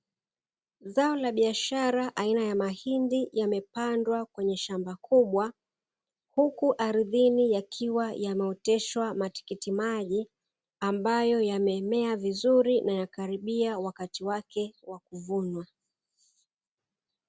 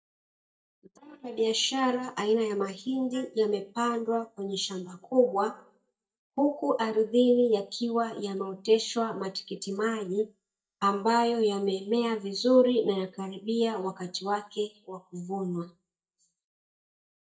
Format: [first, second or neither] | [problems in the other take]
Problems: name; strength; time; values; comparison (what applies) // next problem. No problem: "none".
first | noise reduction (neural mask model DeepFilterNet 3)